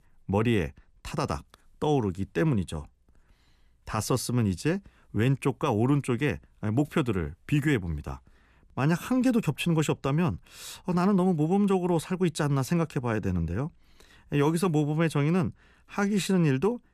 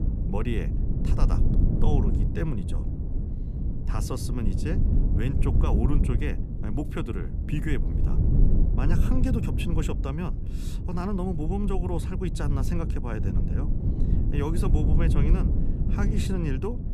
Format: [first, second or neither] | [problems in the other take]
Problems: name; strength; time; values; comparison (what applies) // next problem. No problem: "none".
first | low rumble; loud; throughout; 3 dB below the speech